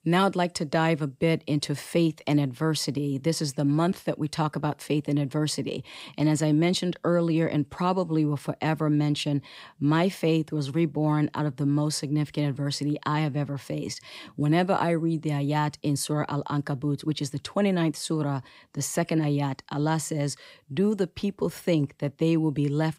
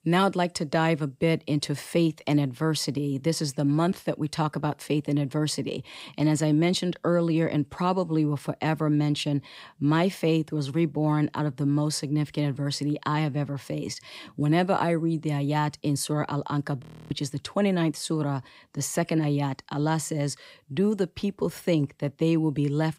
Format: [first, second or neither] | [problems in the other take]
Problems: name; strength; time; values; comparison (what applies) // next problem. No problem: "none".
first | audio freezing; at 17 s